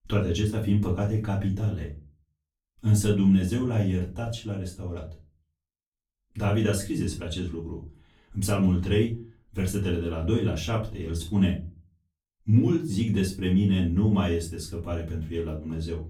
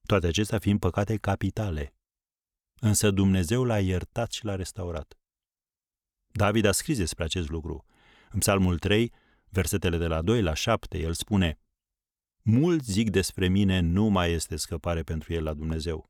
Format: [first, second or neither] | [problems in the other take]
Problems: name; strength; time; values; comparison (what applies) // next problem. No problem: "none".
second | room echo; slight; dies away in 0.4 s // off-mic speech; far